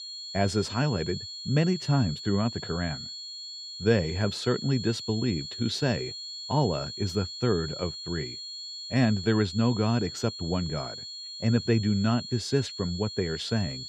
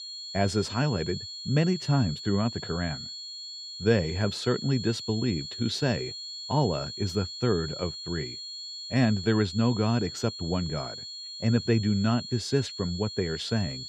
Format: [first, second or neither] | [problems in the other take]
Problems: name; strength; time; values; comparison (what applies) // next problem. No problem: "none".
neither | high-pitched whine; loud; throughout; 4.5 kHz, 8 dB below the speech; the same in both